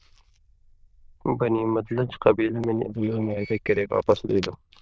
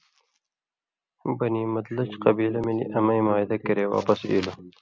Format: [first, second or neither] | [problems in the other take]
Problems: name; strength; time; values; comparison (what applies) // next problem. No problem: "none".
second | noise reduction (neural diffusion model UNIVERSE++)